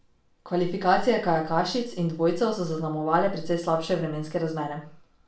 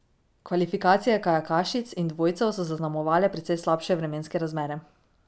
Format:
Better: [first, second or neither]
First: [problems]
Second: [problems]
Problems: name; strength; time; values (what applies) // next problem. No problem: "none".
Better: second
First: room echo; dies away in 0.4 s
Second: none